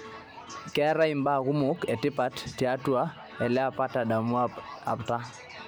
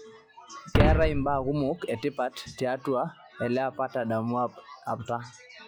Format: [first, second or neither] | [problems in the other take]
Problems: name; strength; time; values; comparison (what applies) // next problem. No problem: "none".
first | noise reduction (classical method log-MMSE)